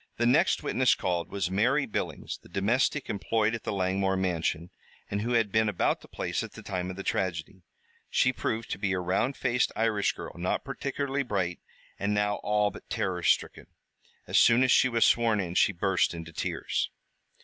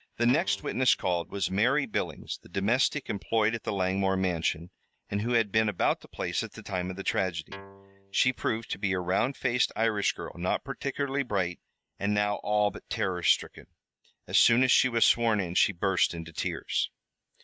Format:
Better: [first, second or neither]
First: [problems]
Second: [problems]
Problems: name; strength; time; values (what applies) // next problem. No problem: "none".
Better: first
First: none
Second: noise reduction (neural mask model RNNoise)